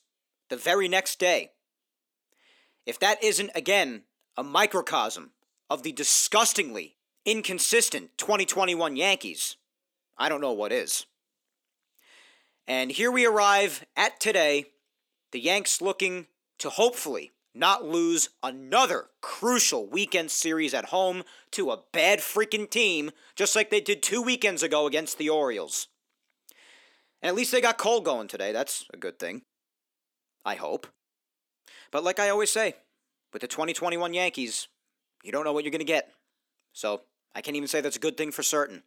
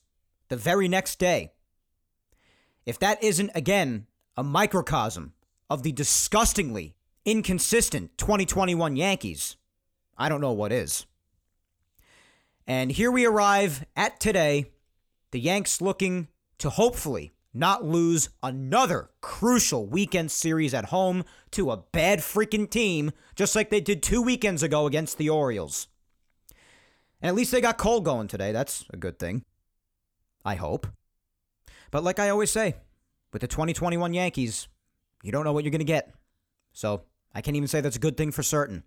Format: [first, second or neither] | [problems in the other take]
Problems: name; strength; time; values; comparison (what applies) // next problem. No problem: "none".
second | thin; somewhat; fading below 300 Hz